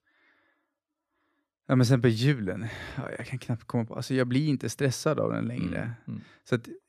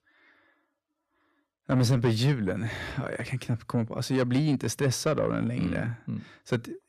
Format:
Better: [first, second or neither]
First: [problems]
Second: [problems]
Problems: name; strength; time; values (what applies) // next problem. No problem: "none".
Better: first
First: none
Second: distortion; slight; 10 dB below the speech